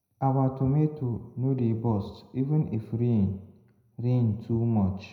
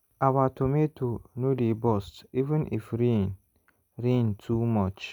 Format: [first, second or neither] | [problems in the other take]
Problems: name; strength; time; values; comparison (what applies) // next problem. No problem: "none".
second | room echo; dies away in 0.8 s